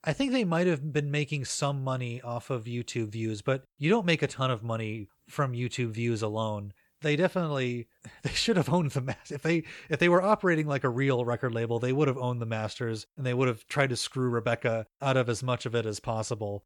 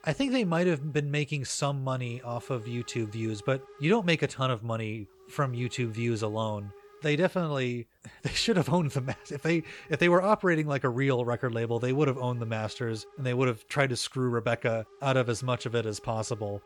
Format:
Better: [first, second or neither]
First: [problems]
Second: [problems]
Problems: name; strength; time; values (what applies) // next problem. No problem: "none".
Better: first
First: none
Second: hiss; faint; throughout; 25 dB below the speech